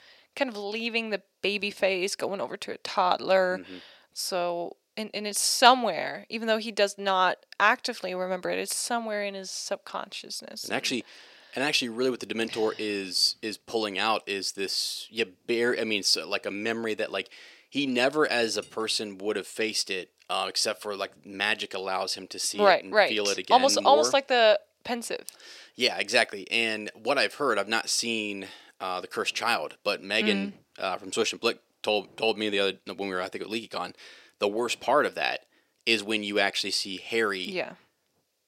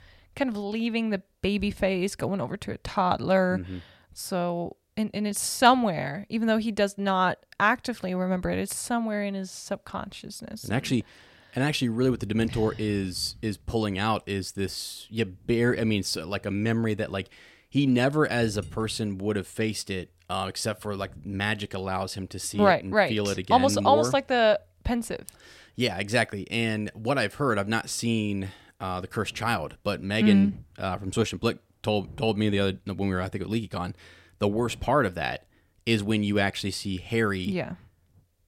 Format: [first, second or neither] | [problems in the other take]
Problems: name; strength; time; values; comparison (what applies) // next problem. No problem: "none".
second | thin; somewhat; fading below 400 Hz